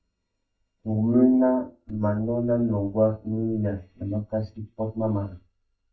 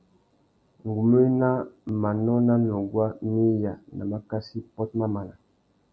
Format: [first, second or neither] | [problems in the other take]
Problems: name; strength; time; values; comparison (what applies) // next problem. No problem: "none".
second | noise reduction (neural mask model DeepFilterNet 3)